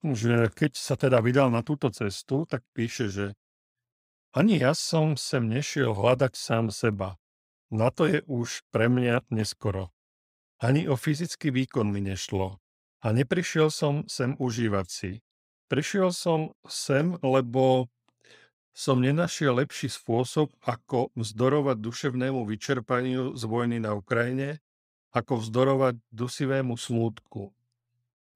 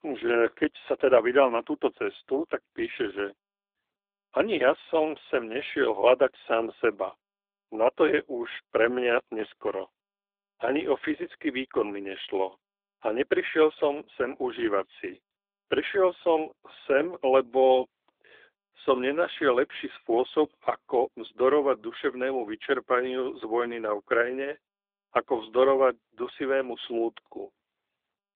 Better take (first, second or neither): first